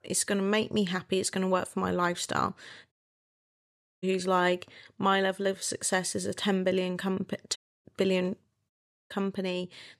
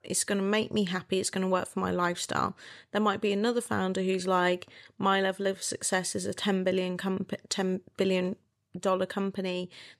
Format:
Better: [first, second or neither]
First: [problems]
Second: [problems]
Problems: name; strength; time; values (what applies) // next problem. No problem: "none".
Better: second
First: audio cutting out; at 3 s for 1 s, at 7.5 s and at 8.5 s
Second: none